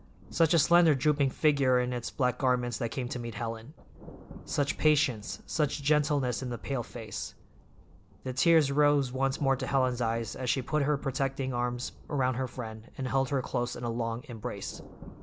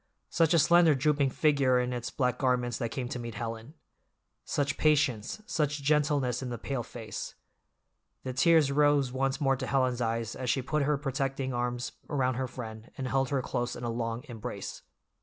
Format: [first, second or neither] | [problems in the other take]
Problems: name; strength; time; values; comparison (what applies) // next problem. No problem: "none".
second | background sound (Thunder); 20 dB below the speech